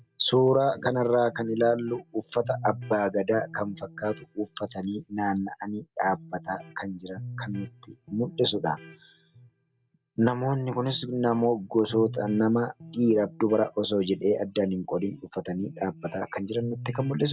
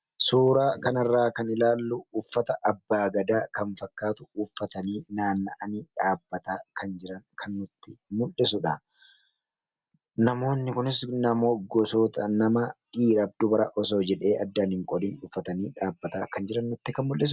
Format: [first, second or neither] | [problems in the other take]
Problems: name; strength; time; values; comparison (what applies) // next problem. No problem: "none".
second | background sound (Electric guitar); 17 dB below the speech